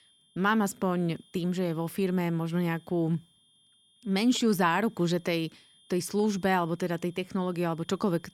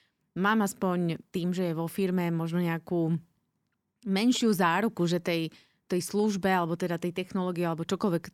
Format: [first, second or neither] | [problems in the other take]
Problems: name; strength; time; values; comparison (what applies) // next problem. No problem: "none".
second | high-pitched whine; faint; throughout; 3 kHz, 30 dB below the speech